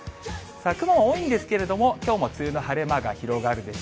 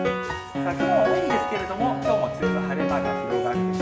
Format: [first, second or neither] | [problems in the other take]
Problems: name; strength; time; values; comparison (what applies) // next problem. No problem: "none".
first | background sound (Piano); 3 dB above the speech // room echo; dies away in 2.1 s